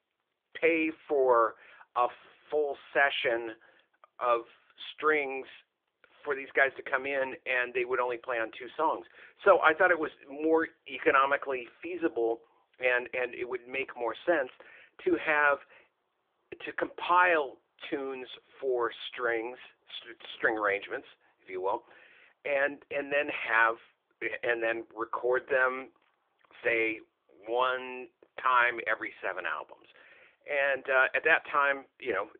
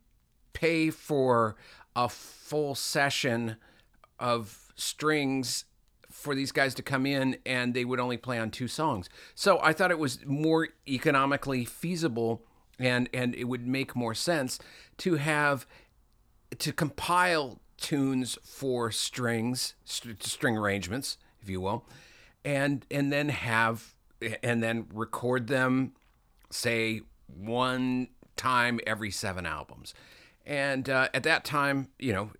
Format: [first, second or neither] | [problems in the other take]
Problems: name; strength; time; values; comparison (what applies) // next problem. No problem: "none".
second | phone-call audio; nothing above 3.5 kHz